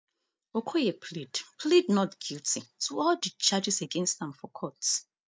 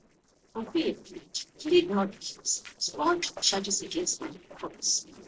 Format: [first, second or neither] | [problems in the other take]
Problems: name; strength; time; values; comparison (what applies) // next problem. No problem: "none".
first | noise reduction (neural separator model SepFormer DNS4)